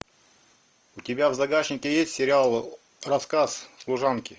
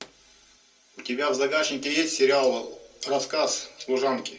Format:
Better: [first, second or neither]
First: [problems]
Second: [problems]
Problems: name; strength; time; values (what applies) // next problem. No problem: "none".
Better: first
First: none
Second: room echo; dies away in 0.2 s